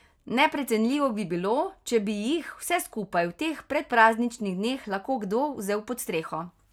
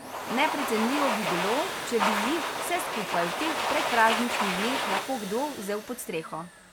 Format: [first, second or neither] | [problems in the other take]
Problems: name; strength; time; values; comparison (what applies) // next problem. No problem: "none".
first | background sound (Domestic sounds, home sounds); 1 dB below the speech